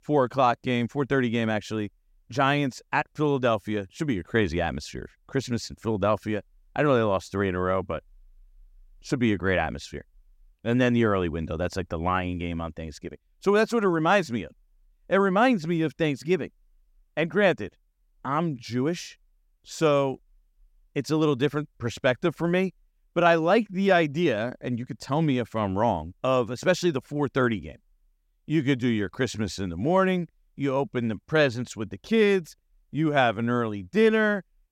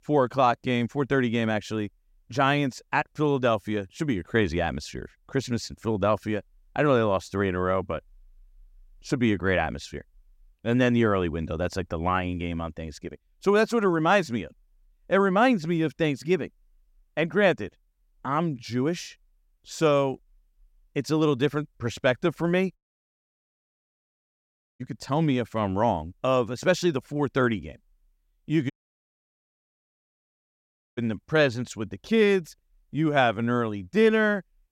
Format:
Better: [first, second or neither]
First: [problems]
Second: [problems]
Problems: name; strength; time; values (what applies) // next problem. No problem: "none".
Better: first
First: none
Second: audio cutting out; at 23 s for 2 s and at 29 s for 2.5 s